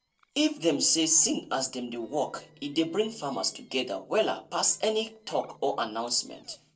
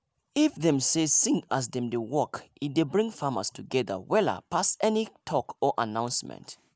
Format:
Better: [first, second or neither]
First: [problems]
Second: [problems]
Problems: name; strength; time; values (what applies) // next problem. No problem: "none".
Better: second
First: noise reduction (neural separator model SepFormer DNS4)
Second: none